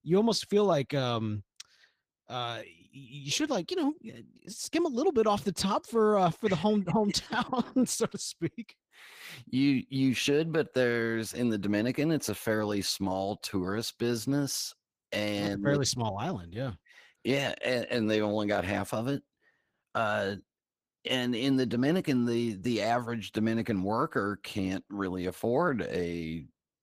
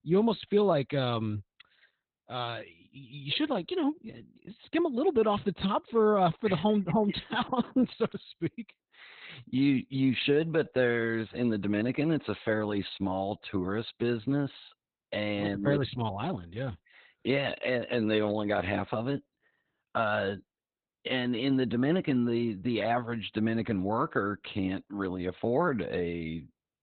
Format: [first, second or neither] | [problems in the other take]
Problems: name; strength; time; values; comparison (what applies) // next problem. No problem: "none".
first | garbled, watery; badly; nothing above 4 kHz; slightly in the first